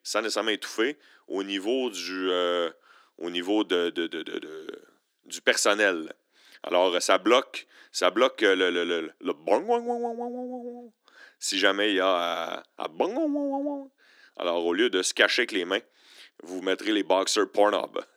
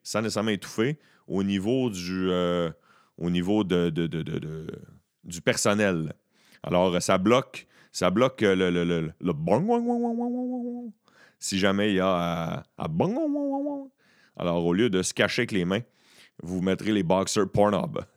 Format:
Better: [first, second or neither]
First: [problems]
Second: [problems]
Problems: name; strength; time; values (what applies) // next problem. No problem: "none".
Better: second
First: thin; somewhat; fading below 300 Hz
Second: none